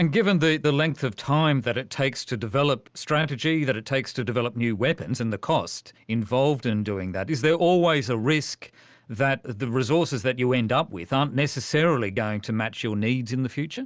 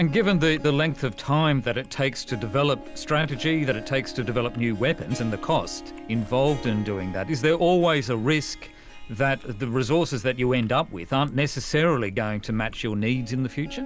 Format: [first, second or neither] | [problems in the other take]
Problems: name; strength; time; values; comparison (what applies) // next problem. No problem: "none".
first | background sound (Chewing, mastication + Harp); 15 dB below the speech